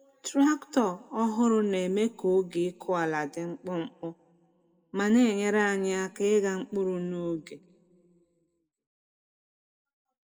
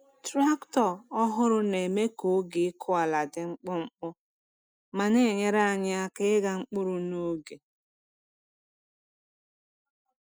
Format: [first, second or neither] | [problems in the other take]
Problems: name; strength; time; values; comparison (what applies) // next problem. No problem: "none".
second | room echo; dies away in 0.2 s